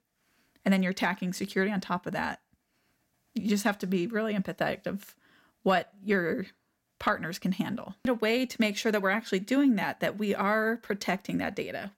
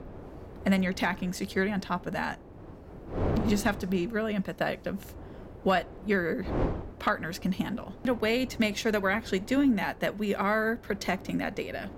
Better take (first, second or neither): first